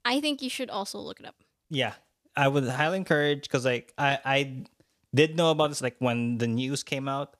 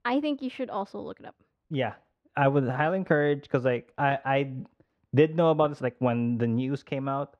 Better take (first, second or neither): first